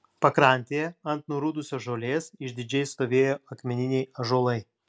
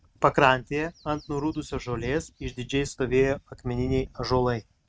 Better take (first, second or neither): first